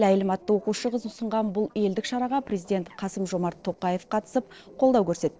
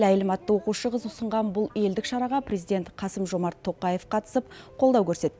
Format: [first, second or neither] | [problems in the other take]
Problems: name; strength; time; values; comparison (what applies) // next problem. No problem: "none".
second | noise reduction (neural separator model SepFormer DNS4)